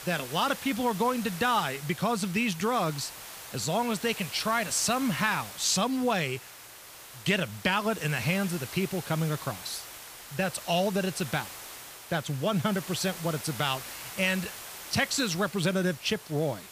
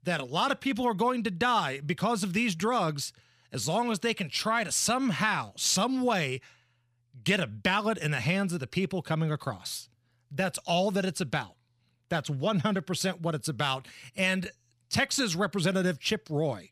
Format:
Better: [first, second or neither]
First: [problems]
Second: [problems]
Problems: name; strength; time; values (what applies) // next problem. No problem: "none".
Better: second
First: hiss; noticeable; throughout; 10 dB below the speech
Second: none